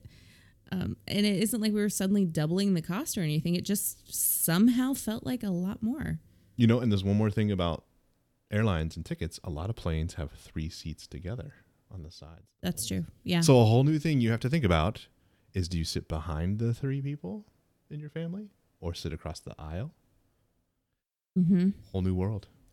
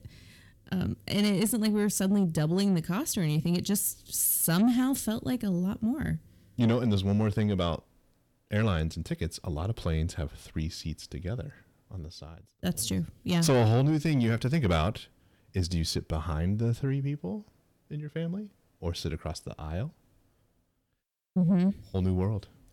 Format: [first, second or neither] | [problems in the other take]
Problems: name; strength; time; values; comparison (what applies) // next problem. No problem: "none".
first | distortion; slight; 10 dB below the speech